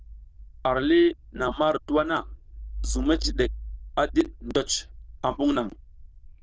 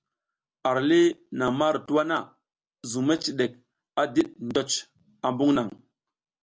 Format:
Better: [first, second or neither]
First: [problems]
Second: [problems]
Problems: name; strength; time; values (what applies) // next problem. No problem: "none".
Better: second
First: noise reduction (neural diffusion model UNIVERSE++)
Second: none